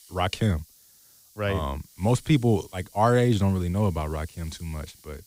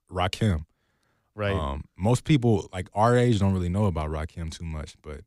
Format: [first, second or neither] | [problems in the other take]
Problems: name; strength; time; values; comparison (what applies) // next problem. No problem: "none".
second | hiss; faint; throughout; 25 dB below the speech